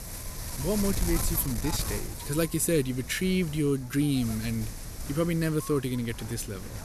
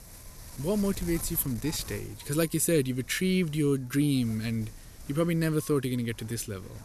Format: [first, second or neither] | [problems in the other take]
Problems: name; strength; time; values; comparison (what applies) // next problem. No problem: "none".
second | wind noise on the microphone; heavy; 8 dB below the speech; occasional gusts in the second